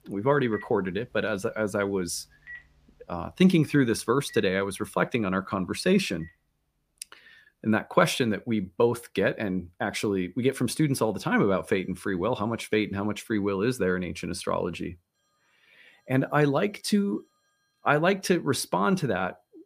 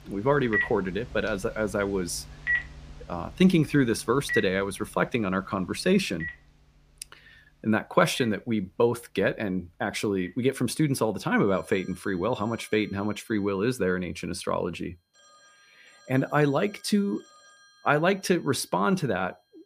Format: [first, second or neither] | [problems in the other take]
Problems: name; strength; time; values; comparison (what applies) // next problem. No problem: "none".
first | alarms or sirens; loud; throughout; 7 dB below the speech; faint in the first